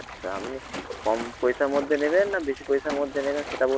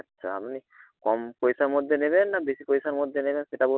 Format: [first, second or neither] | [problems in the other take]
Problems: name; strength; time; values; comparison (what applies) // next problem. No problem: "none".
second | background sound (Splash, splatter); 12 dB below the speech